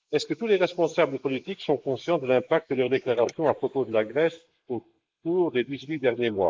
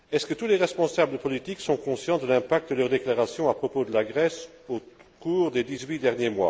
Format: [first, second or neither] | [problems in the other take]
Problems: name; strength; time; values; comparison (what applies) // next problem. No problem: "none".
second | noise reduction (neural mask model Resemble Enhance denoiser)